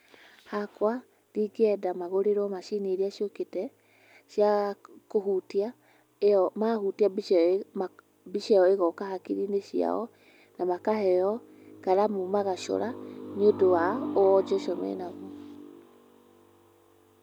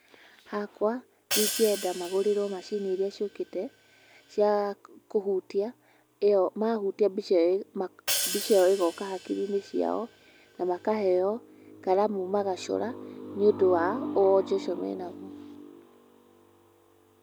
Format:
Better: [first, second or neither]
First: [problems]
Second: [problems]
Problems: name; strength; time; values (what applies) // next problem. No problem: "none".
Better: first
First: none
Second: background sound (Hi-hat); 8 dB below the speech